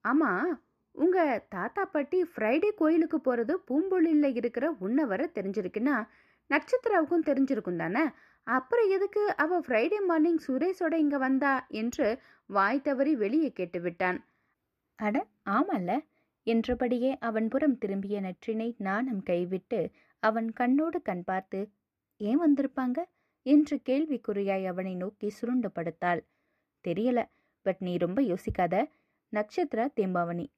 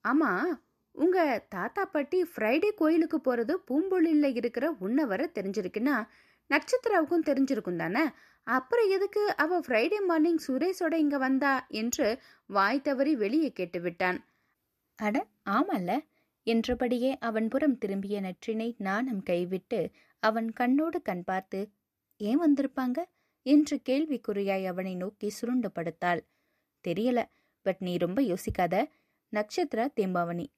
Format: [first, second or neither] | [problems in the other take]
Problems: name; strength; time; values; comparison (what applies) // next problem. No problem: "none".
second | muffled; slightly; fading above 3.5 kHz